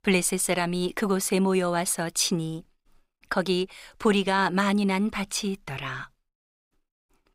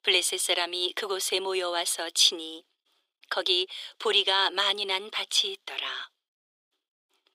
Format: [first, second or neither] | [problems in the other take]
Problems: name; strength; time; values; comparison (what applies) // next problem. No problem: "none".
first | thin; very; fading below 350 Hz